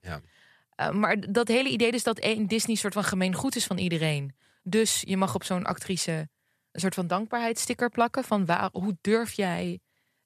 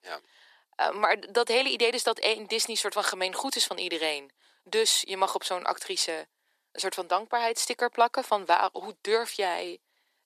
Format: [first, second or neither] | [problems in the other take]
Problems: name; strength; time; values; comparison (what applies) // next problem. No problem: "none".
first | thin; very; fading below 300 Hz